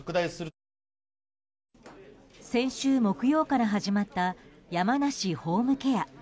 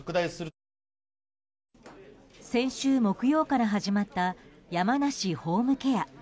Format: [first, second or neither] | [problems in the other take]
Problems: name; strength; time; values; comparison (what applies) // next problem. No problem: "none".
second | background sound (Piano); 18 dB below the speech